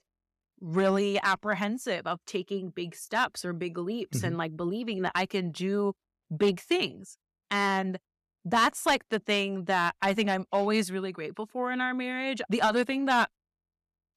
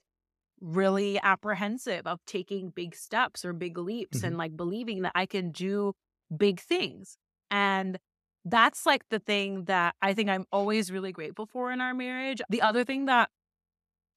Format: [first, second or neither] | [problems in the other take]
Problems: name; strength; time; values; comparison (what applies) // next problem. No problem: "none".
second | distortion; slight; 1.4% of the sound clipped